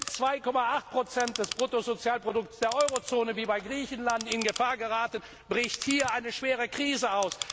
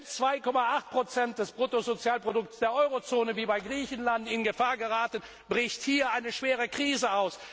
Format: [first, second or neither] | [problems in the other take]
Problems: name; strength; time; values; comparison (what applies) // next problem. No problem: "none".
second | background sound (Clock); 12 dB below the speech